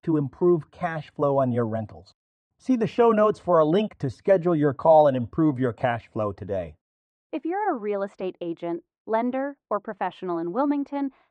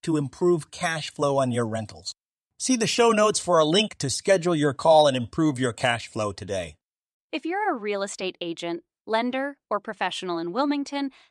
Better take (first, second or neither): second